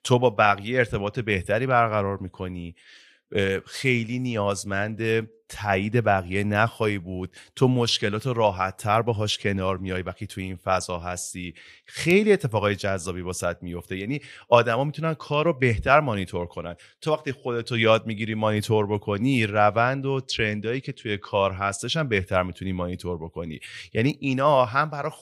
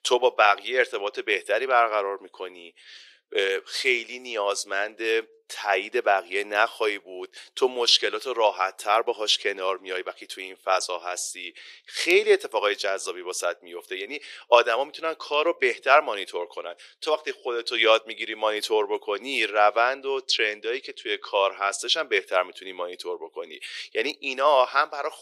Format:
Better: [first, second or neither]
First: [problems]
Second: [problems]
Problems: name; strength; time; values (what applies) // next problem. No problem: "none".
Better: first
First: none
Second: thin; very; fading below 350 Hz